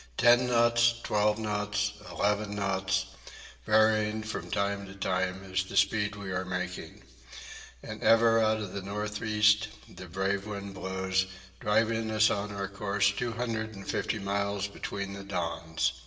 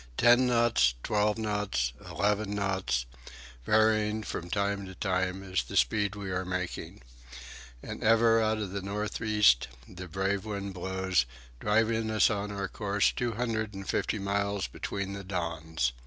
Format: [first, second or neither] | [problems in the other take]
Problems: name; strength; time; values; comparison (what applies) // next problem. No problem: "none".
second | room echo; dies away in 0.8 s